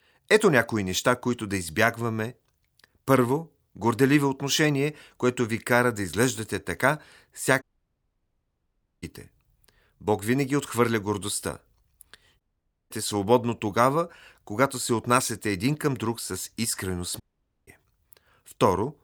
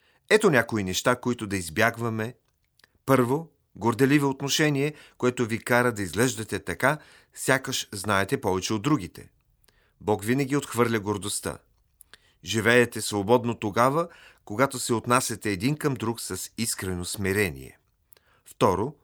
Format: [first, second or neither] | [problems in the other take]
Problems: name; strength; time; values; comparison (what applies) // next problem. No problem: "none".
second | audio cutting out; at 7.5 s for 1.5 s, at 12 s for 0.5 s and at 17 s